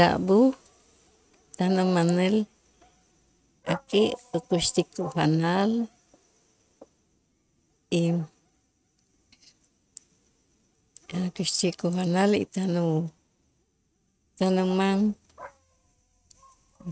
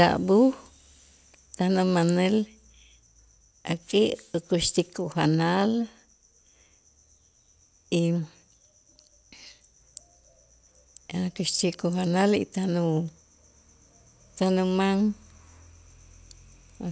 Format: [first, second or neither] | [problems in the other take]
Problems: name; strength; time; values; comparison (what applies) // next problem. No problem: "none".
second | noise reduction (neural mask model RNNoise)